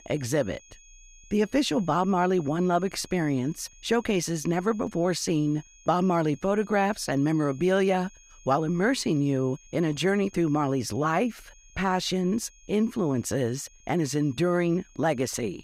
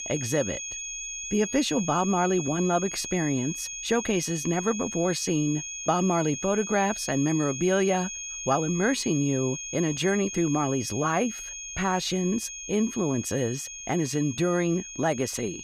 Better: first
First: high-pitched whine; faint; throughout; 6.5 kHz, 25 dB below the speech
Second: high-pitched whine; loud; throughout; 6.5 kHz, 7 dB below the speech

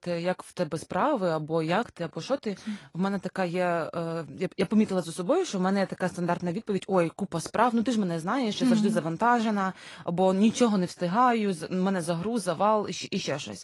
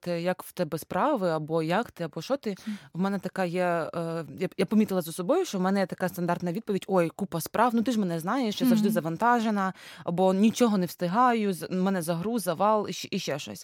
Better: second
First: garbled, watery; slightly; nothing above 11 kHz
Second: none

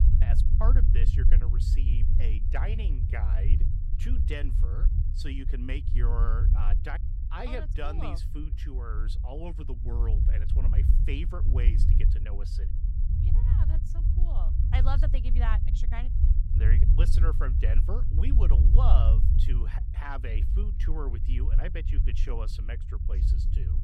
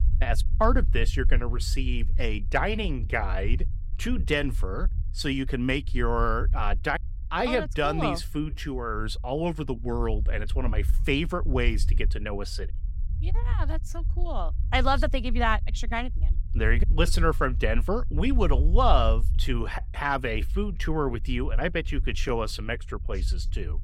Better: second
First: low rumble; loud; throughout; 5 dB below the speech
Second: low rumble; faint; throughout; 20 dB below the speech

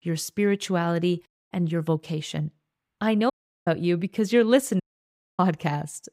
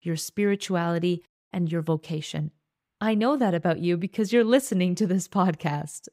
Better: second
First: audio cutting out; at 3.5 s and at 5 s for 0.5 s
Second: none

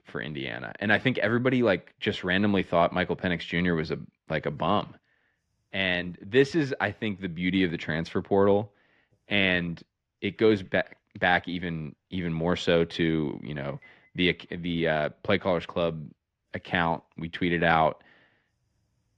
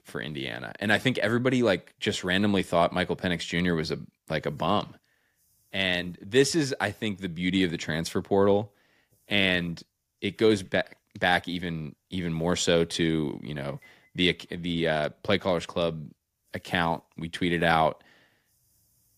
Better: second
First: muffled; slightly; fading above 2.5 kHz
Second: none

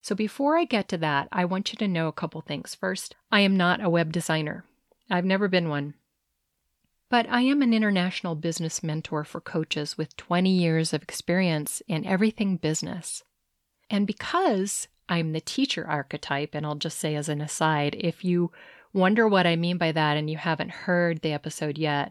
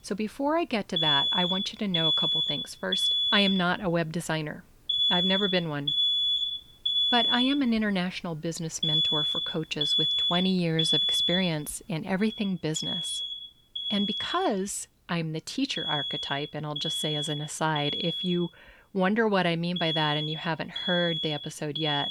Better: first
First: none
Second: alarms or sirens; very loud; throughout; 3 dB above the speech

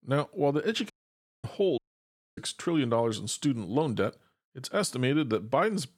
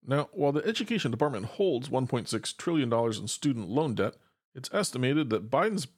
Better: second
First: audio cutting out; at 1 s for 0.5 s and at 2 s for 0.5 s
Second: none

